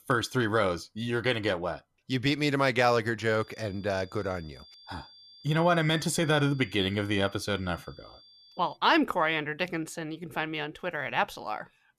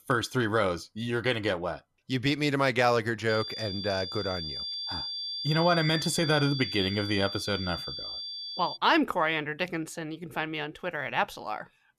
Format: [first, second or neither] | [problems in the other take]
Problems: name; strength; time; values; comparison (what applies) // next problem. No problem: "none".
first | high-pitched whine; loud; from 3.5 to 9 s; 4.5 kHz, 6 dB below the speech; faint in the first